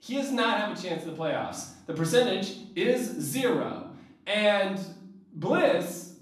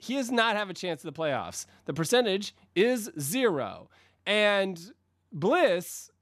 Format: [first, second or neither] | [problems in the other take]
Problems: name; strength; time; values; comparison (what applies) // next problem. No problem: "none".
second | room echo; noticeable; dies away in 0.6 s // off-mic speech; far